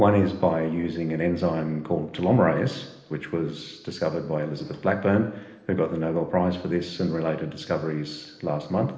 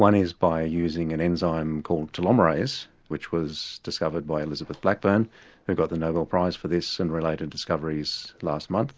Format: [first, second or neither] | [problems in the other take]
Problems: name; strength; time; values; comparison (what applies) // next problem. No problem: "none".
second | room echo; dies away in 1.1 s